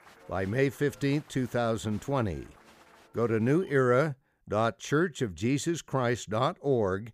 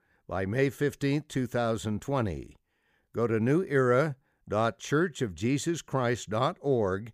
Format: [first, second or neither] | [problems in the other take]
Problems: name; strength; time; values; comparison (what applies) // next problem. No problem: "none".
second | crowd noise; faint; until 3.5 s; 25 dB below the speech